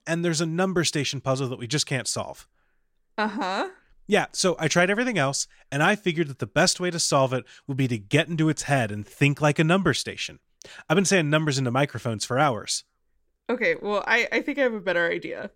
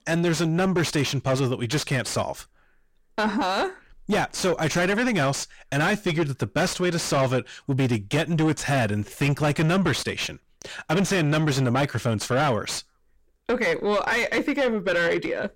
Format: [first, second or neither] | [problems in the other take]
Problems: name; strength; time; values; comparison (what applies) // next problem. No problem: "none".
first | distortion; heavy; 5 dB below the speech